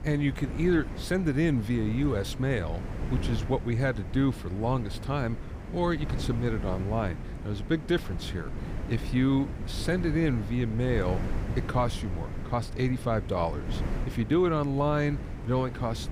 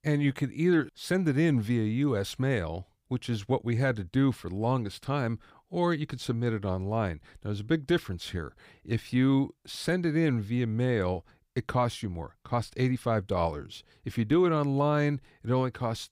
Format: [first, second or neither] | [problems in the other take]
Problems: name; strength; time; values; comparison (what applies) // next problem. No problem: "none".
second | wind noise on the microphone; occasional gusts; 10 dB below the speech